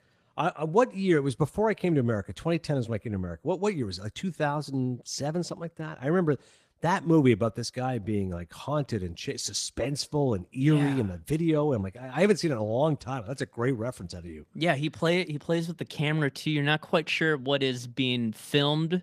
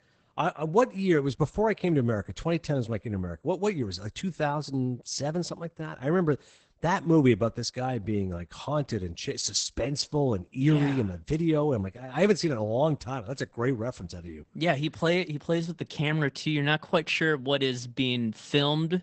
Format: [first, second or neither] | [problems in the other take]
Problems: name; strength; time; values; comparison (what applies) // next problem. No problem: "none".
first | garbled, watery; badly; nothing above 8 kHz; slightly in the first